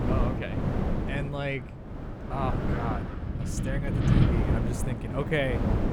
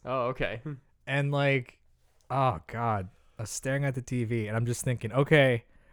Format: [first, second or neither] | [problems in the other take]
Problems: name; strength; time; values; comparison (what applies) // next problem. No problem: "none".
second | wind noise on the microphone; heavy; 2 dB below the speech